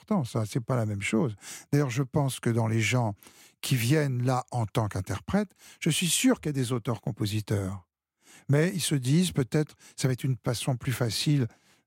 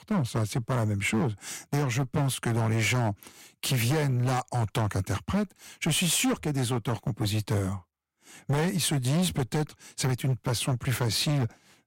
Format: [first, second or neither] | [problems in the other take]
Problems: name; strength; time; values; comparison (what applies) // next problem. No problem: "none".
first | distortion; heavy; 16% of the sound clipped